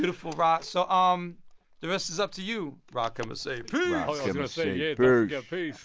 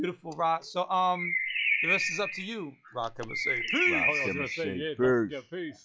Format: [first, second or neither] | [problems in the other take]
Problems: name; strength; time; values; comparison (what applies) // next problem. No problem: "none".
first | noise reduction (classical method log-MMSE)